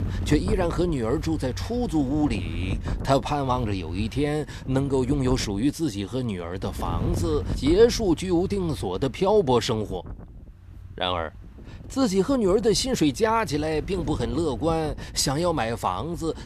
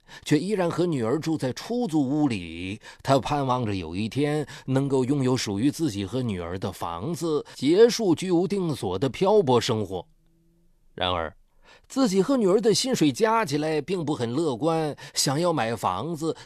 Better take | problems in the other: second | wind noise on the microphone; occasional gusts; 20 dB below the speech

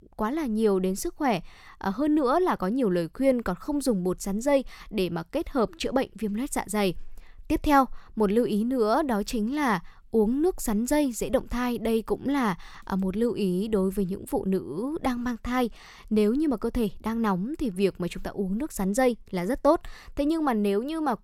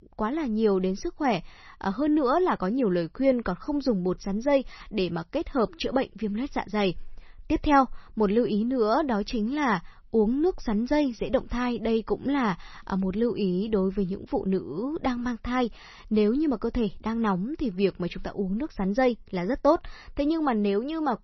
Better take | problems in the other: first | garbled, watery; slightly; nothing above 6 kHz

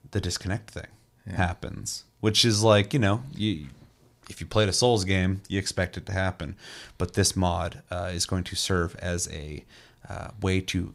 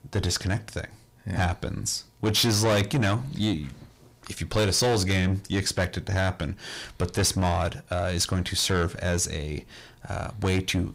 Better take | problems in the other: first | distortion; heavy; 7 dB below the speech

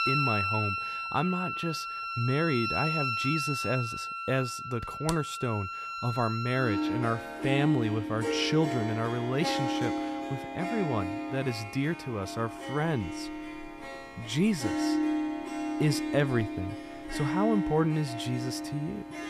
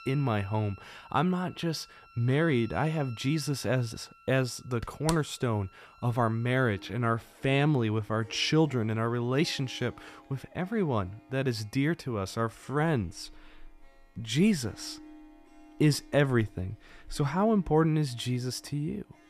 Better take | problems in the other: second | background music; loud; throughout; 2 dB below the speech; faint in the second

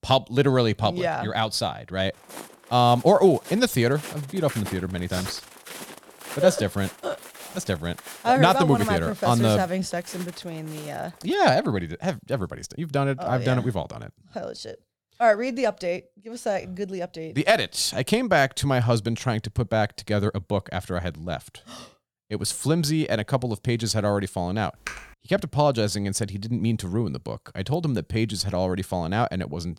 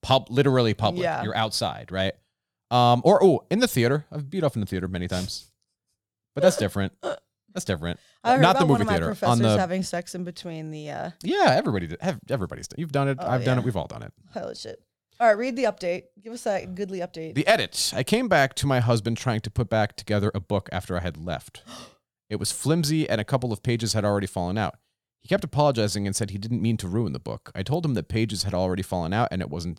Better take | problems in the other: second | footsteps; faint; from 2 to 11 s; peak 10 dB below the speech // keyboard typing; faint; at 25 s; peak 10 dB below the speech

